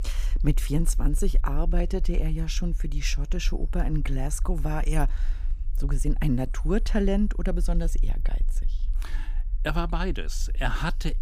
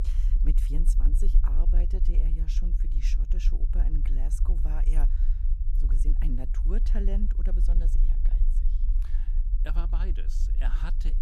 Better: first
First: low rumble; faint; throughout; 25 dB below the speech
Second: low rumble; loud; throughout; 6 dB below the speech

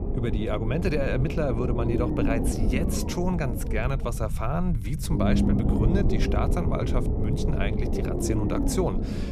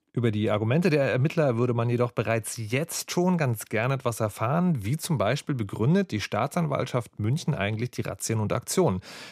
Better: second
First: low rumble; loud; throughout; 2 dB below the speech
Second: none

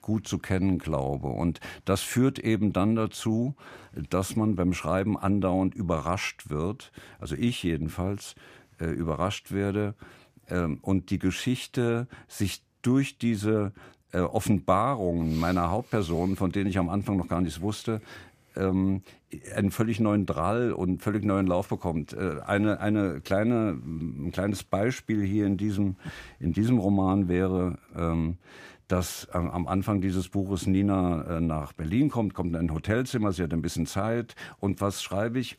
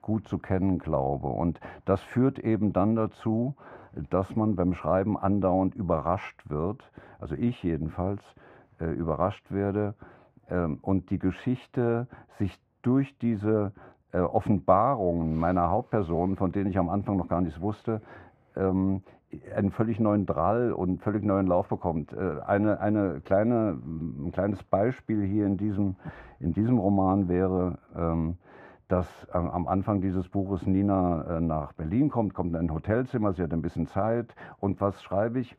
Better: first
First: none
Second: muffled; very; fading above 3 kHz

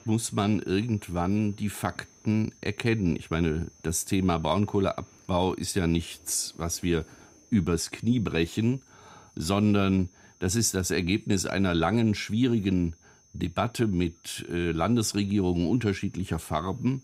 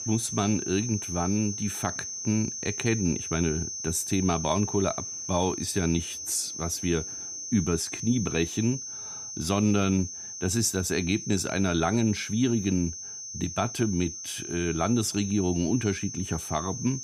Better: first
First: high-pitched whine; faint; throughout; 6 kHz, 30 dB below the speech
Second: high-pitched whine; loud; throughout; 6 kHz, 6 dB below the speech

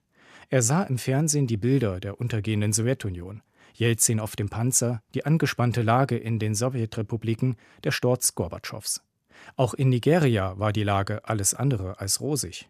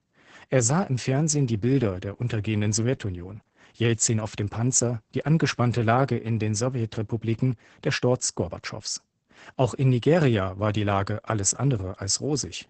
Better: first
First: none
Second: garbled, watery; badly; nothing above 8 kHz

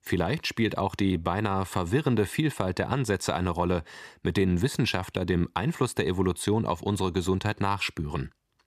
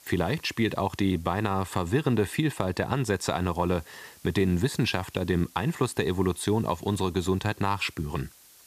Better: first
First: none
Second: hiss; faint; throughout; 25 dB below the speech

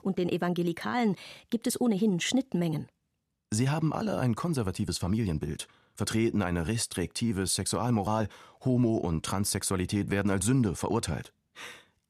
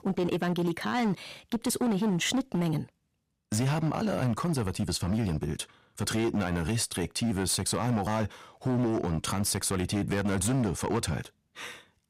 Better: first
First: none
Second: distortion; slight; 14% of the sound clipped

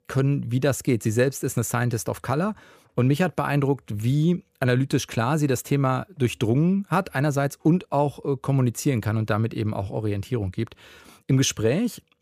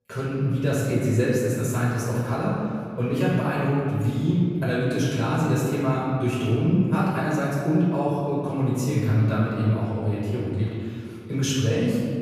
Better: first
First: none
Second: room echo; strong; dies away in 2 s // off-mic speech; far

